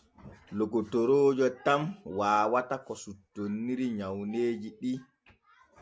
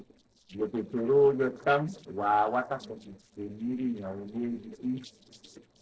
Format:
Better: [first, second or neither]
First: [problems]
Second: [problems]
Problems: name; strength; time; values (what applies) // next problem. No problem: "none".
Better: first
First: none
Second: noise reduction (neural separator model SepFormer DNS4)